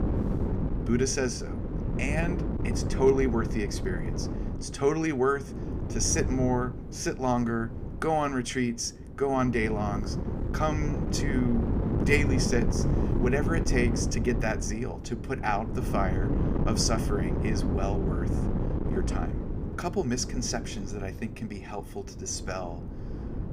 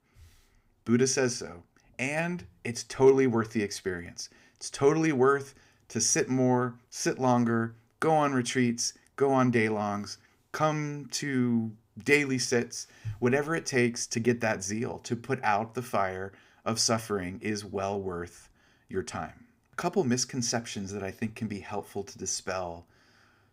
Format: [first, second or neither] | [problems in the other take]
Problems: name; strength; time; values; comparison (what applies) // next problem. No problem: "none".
second | wind noise on the microphone; heavy; 7 dB below the speech